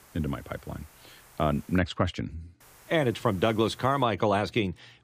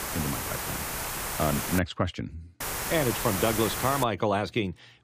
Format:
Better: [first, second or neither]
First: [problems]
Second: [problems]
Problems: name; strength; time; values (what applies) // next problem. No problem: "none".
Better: first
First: hiss; faint; until 2 s and from 2.5 to 4 s; 25 dB below the speech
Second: hiss; loud; until 2 s and from 2.5 to 4 s; 2 dB below the speech